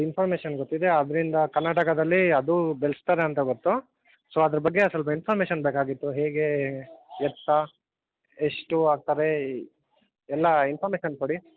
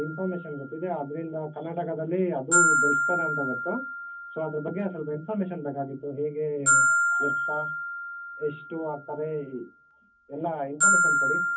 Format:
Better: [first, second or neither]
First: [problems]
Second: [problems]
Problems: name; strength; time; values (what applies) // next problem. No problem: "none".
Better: first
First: none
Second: background sound (Glockenspiel); 4 dB above the speech // room echo; dies away in 0.3 s